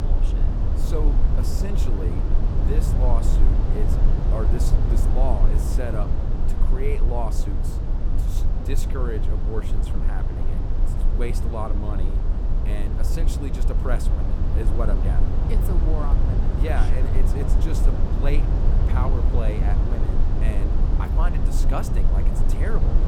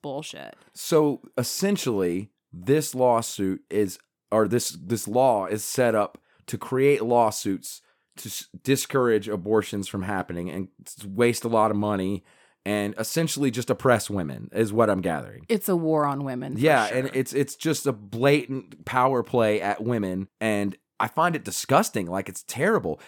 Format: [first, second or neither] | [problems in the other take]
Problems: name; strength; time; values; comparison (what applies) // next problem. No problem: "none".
second | low rumble; loud; throughout; 2 dB below the speech